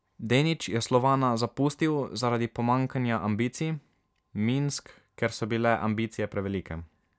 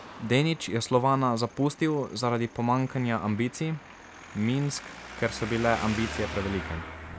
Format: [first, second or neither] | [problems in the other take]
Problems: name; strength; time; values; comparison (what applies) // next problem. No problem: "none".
first | background sound (Traffic noise, roadway noise); 13 dB below the speech